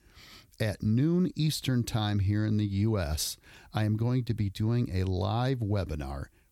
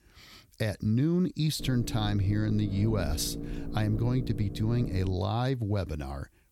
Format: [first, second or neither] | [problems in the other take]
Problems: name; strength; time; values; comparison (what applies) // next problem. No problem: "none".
first | low rumble; loud; from 1.5 to 5 s; 10 dB below the speech